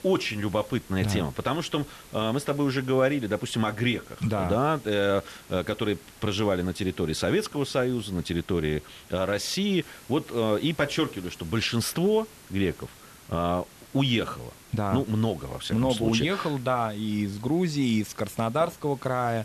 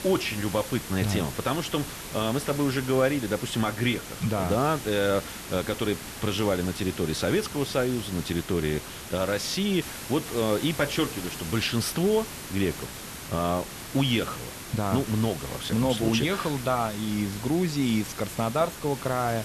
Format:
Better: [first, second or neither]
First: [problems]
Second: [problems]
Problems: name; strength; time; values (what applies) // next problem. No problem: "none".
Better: first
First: hiss; faint; throughout; 20 dB below the speech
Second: hiss; loud; throughout; 10 dB below the speech